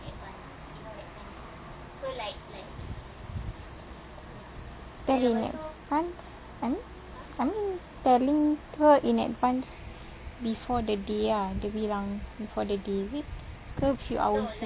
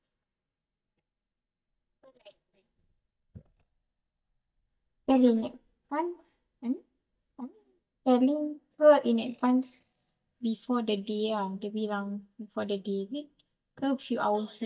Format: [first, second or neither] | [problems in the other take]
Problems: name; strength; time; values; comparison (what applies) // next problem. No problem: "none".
first | noise reduction (neural mask model DeepFilterNet 3)